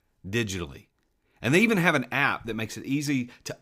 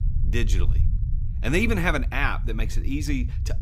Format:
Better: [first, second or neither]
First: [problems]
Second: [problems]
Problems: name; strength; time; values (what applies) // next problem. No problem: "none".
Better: first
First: none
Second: low rumble; noticeable; throughout; 20 dB below the speech